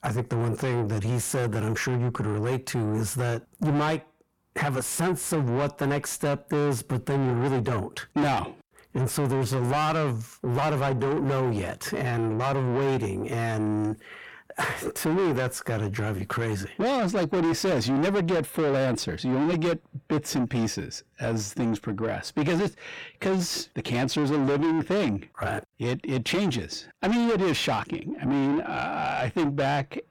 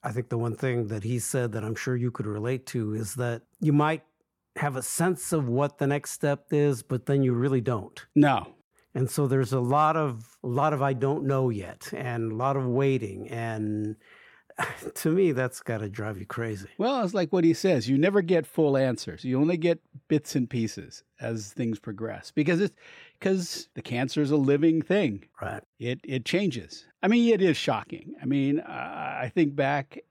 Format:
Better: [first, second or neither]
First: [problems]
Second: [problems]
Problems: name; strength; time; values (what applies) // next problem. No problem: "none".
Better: second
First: distortion; heavy; 6 dB below the speech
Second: none